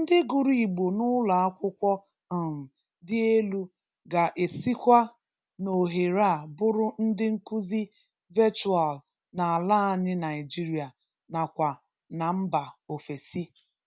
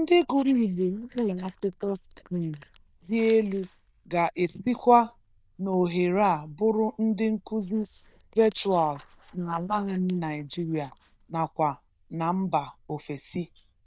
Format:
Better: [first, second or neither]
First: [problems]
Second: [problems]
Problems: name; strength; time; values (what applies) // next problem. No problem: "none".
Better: first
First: none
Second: noise reduction (neural diffusion model UNIVERSE++)